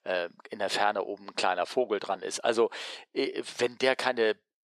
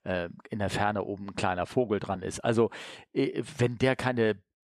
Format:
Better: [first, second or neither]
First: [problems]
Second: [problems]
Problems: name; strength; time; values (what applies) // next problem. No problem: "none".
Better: second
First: thin; somewhat; fading below 450 Hz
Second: none